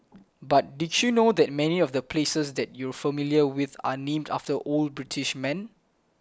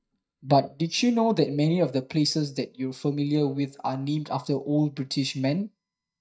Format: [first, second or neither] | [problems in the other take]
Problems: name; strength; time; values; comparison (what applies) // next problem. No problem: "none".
first | noise reduction (neural mask model DeepFilterNet 3)